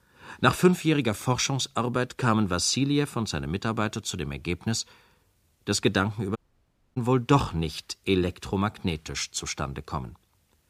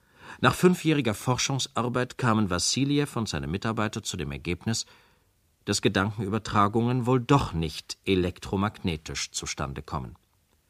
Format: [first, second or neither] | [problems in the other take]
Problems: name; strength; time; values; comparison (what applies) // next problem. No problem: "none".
second | audio cutting out; at 6.5 s for 0.5 s